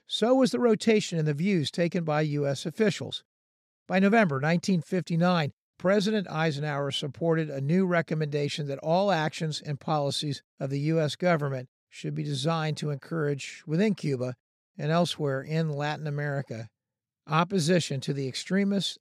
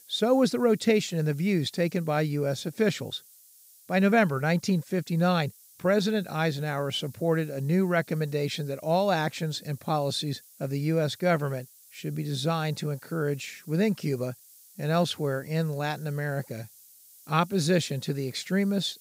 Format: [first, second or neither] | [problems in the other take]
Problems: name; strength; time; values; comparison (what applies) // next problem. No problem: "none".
first | hiss; faint; throughout; 25 dB below the speech